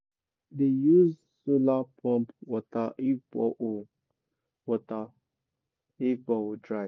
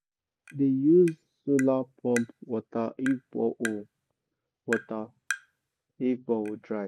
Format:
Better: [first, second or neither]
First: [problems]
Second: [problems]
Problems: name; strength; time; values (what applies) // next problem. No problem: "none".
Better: first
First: none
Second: background sound (Tap); 14 dB below the speech